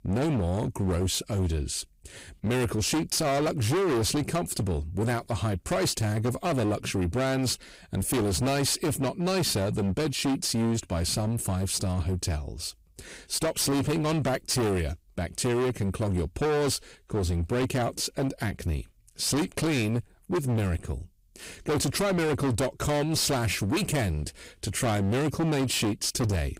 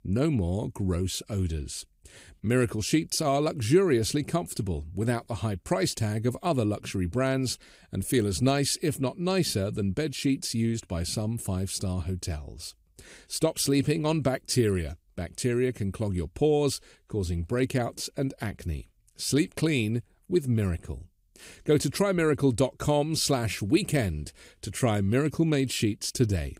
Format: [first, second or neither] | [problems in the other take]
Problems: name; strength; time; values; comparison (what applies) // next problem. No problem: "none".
second | distortion; heavy; 23% of the sound clipped